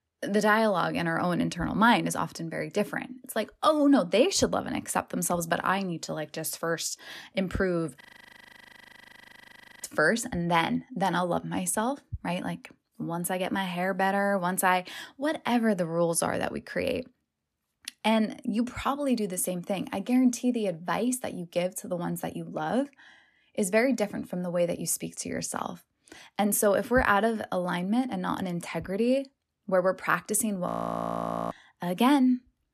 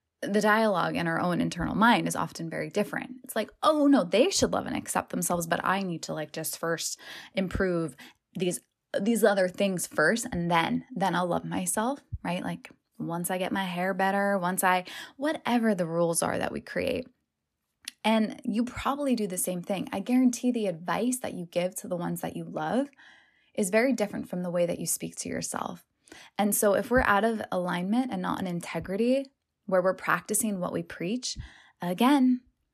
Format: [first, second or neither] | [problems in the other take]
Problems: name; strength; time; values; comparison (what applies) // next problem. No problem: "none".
second | audio freezing; at 8 s for 2 s and at 31 s for 1 s